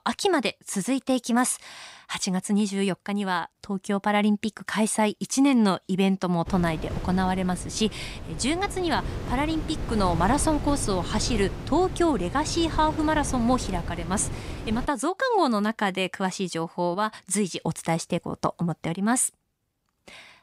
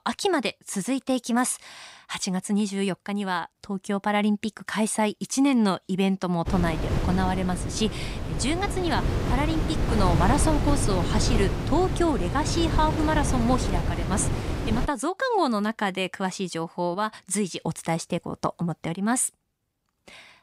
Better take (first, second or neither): first